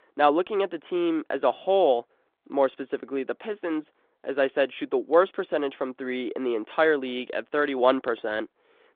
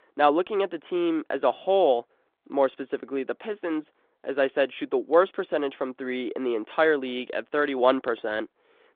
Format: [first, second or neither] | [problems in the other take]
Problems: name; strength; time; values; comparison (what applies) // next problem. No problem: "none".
neither | phone-call audio; the same in both